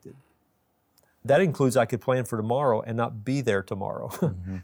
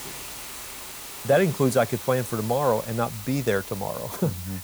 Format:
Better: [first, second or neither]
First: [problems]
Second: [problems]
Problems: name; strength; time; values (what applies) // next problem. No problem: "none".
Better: first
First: none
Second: hiss; noticeable; throughout; 10 dB below the speech